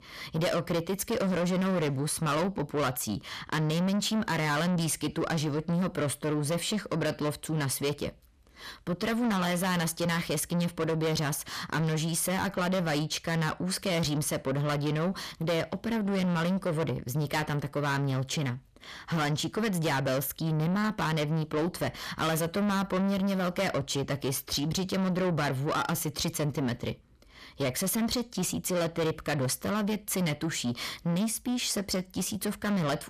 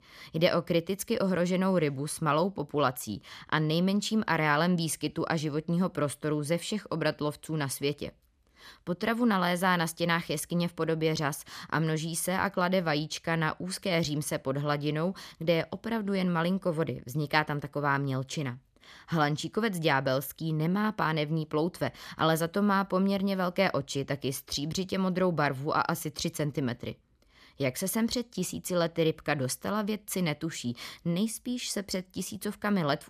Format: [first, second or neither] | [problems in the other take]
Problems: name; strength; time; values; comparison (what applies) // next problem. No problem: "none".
second | distortion; heavy; 7 dB below the speech